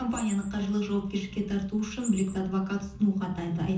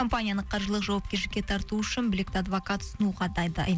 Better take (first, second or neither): second